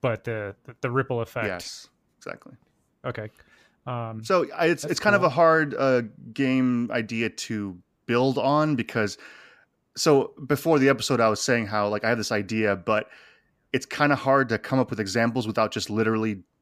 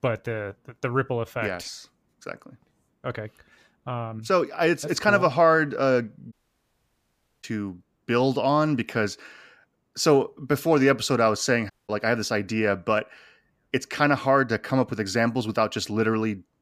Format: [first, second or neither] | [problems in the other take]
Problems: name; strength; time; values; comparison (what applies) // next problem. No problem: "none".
first | audio cutting out; at 6.5 s for 1 s and at 12 s